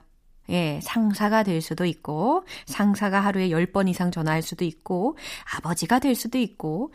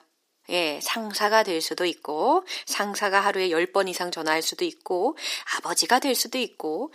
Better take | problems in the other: first | thin; very; fading below 350 Hz

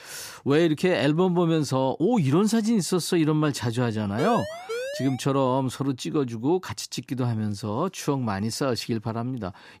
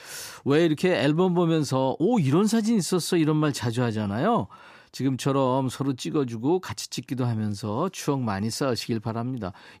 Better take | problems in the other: second | siren; noticeable; from 4 to 5 s; peak 7 dB below the speech

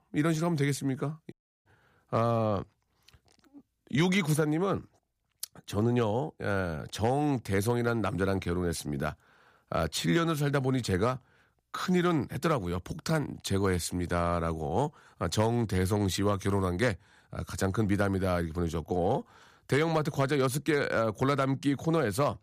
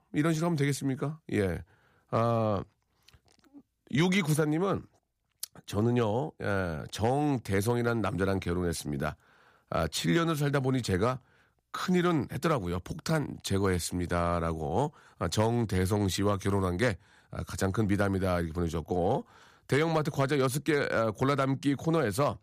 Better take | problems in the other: second | audio cutting out; at 1.5 s

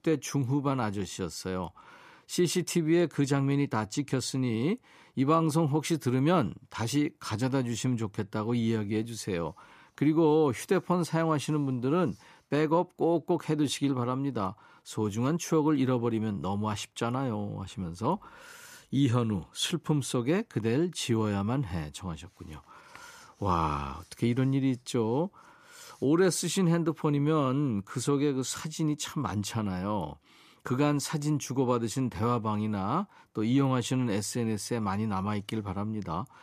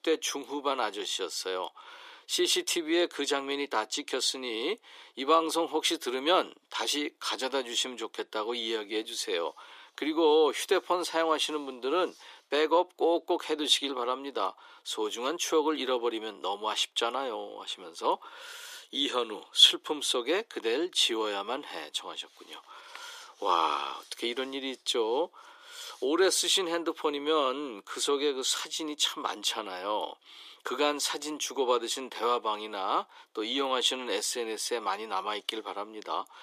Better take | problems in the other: first | thin; very; fading below 350 Hz

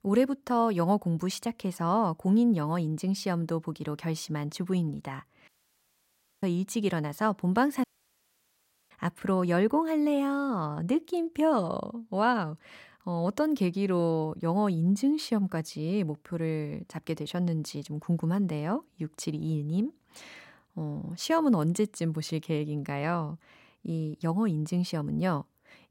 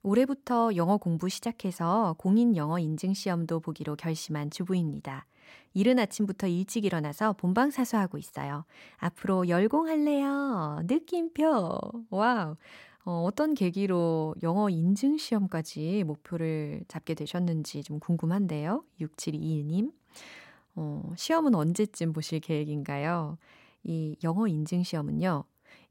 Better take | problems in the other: second | audio cutting out; at 5.5 s for 1 s and at 8 s for 1 s

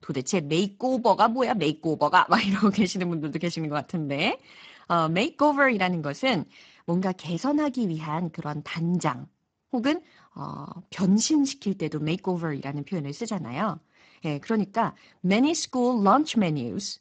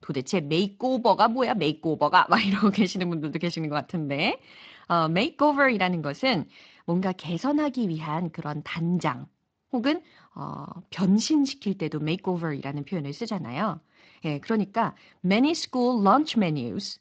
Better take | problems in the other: second | garbled, watery; badly; nothing above 7.5 kHz; slightly in the second

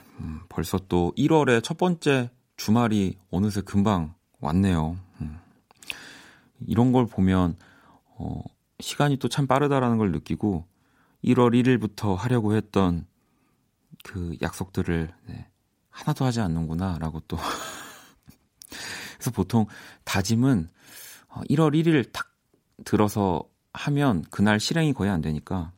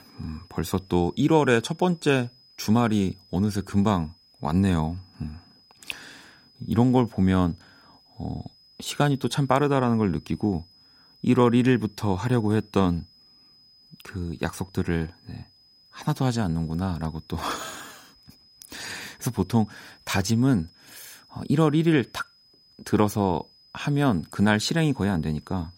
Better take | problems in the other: first | high-pitched whine; faint; throughout; 5 kHz, 30 dB below the speech

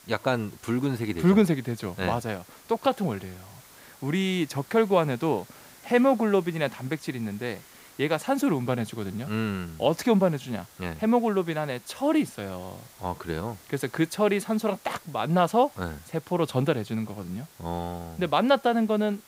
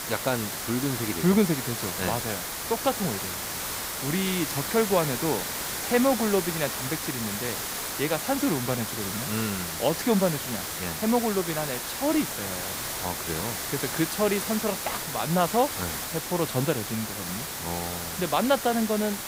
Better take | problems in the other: first | hiss; loud; throughout; 2 dB below the speech; faint in the first

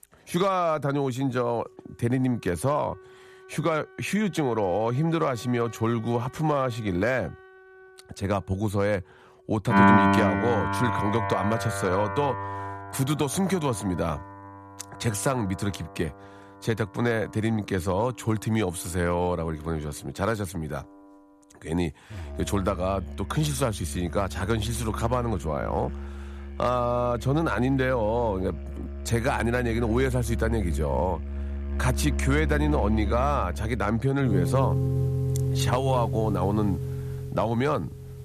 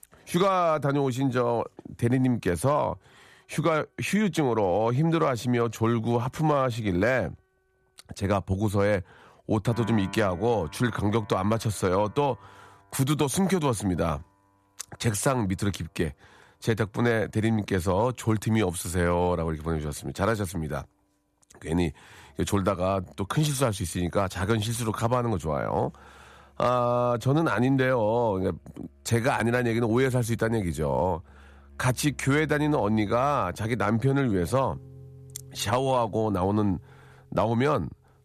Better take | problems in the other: second | background music; loud; throughout; 3 dB below the speech; faint in the second

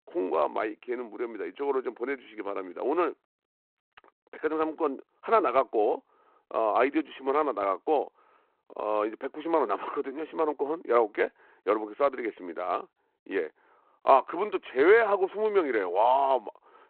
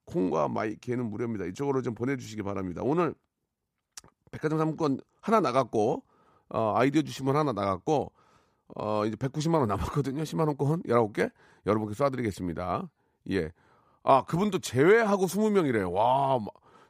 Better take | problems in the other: second | phone-call audio; nothing above 3.5 kHz

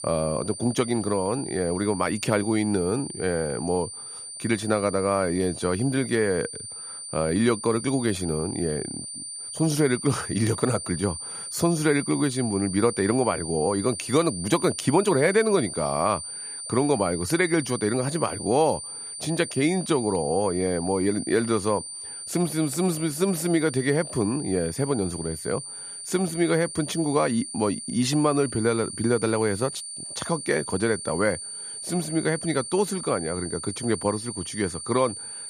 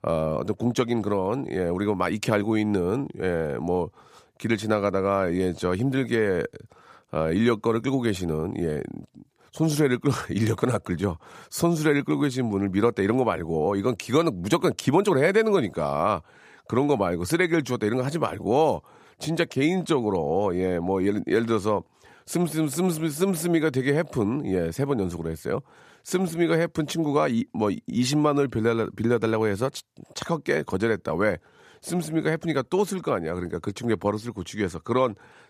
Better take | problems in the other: second | high-pitched whine; loud; throughout; 9 kHz, 8 dB below the speech

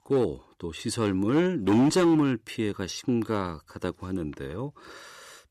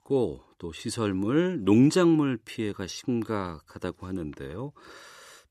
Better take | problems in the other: second | distortion; slight; 4% of the sound clipped

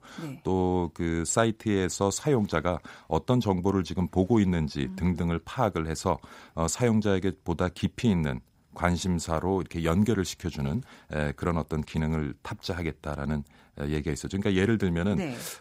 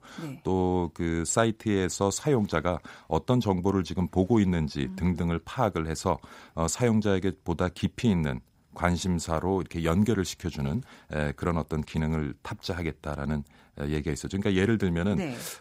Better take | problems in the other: neither | none

